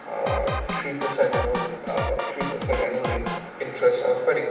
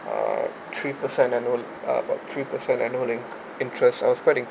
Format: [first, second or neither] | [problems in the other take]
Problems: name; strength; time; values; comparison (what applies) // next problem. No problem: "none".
second | background sound (Drum kit); 5 dB below the speech // room echo; dies away in 0.8 s